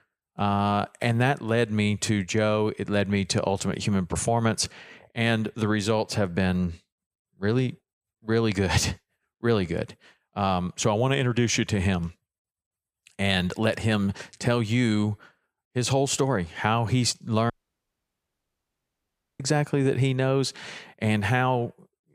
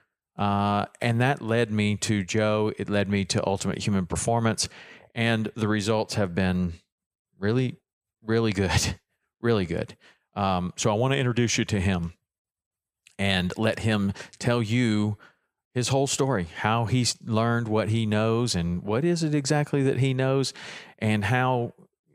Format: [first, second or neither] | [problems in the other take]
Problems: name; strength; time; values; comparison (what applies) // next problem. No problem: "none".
second | audio cutting out; at 18 s for 2 s